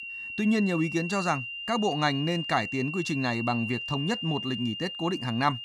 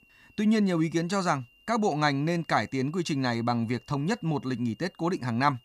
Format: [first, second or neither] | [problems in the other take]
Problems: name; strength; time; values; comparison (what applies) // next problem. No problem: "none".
second | high-pitched whine; loud; throughout; 3 kHz, 5 dB below the speech; faint in the second